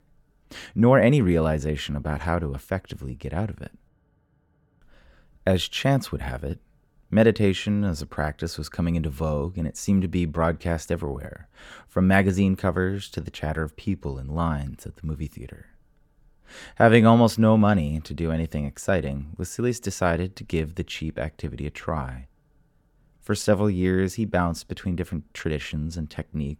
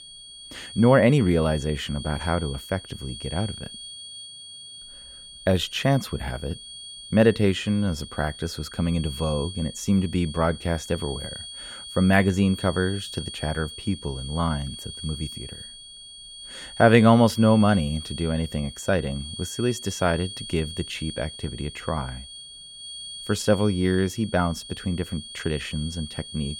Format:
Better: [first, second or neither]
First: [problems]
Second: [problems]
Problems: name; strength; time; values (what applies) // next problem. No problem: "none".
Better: first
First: none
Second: high-pitched whine; noticeable; throughout; 3.5 kHz, 15 dB below the speech